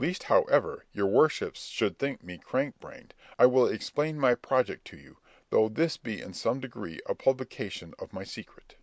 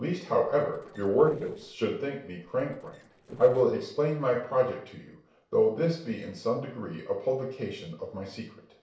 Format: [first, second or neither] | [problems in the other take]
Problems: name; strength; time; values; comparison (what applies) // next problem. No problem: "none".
first | noise reduction (neural separator model SepFormer DNS4)